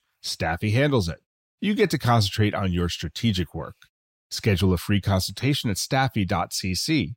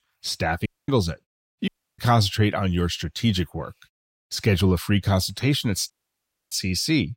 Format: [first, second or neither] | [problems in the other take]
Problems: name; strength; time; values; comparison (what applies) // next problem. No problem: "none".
first | audio cutting out; at 0.5 s, at 1.5 s and at 6 s for 0.5 s